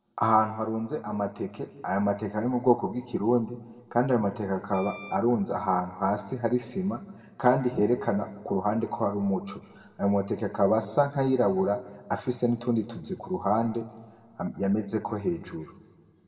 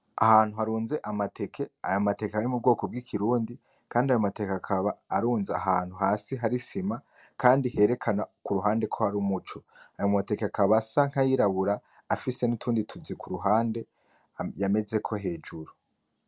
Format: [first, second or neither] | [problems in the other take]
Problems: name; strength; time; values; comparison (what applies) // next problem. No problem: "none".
second | background sound (Wind instrument, woodwind instrument); 18 dB below the speech // room echo; dies away in 1.3 s